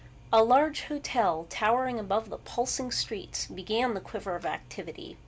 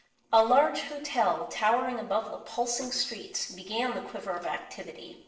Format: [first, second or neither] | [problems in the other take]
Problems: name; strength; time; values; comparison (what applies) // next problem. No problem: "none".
first | noise reduction (neural separator model SepFormer DNS4)